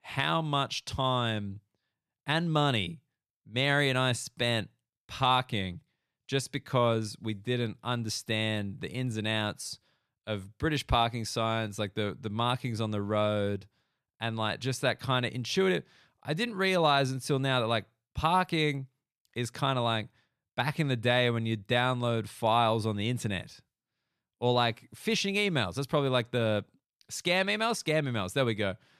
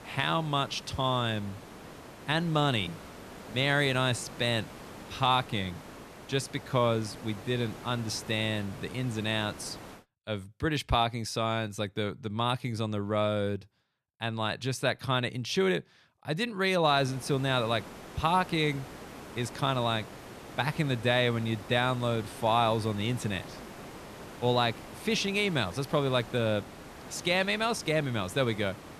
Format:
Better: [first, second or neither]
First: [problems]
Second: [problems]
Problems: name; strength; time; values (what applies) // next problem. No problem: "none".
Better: first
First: none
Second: hiss; noticeable; until 10 s and from 17 s on; 15 dB below the speech